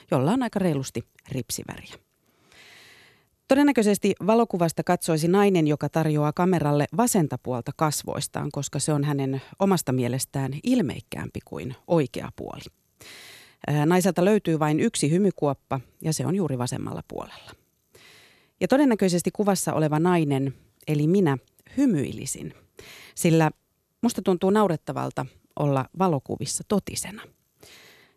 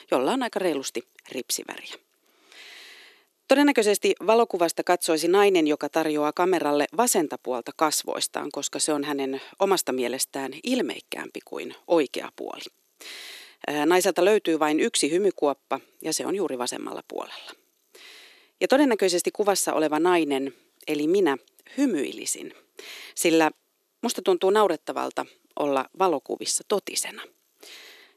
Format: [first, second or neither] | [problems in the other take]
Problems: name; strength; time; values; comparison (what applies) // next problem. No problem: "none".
first | thin; somewhat; fading below 300 Hz